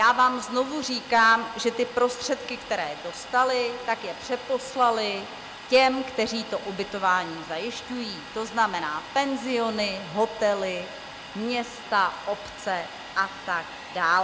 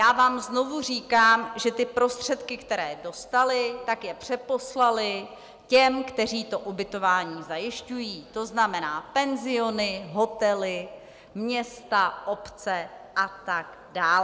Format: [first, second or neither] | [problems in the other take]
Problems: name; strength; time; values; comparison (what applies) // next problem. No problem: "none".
second | background sound (Domestic sounds, home sounds); 15 dB below the speech